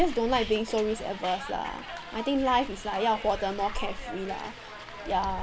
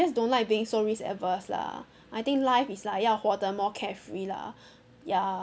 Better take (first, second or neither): second